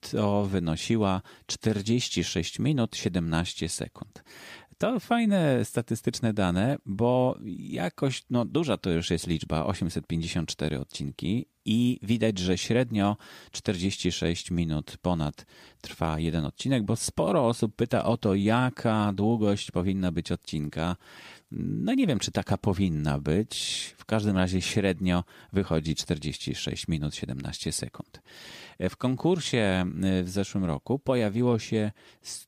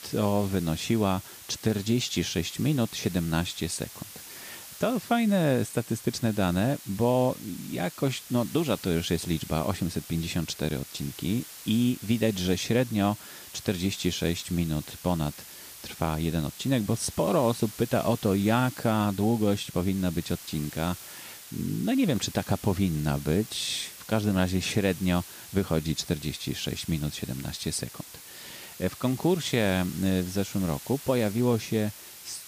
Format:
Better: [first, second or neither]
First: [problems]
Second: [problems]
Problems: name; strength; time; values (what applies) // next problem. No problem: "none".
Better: first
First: none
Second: hiss; noticeable; throughout; 15 dB below the speech